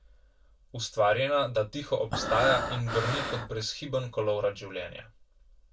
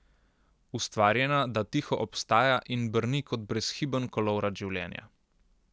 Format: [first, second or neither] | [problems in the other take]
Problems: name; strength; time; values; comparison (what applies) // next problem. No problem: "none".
second | background sound (Breathing); 2 dB below the speech // room echo; dies away in 0.2 s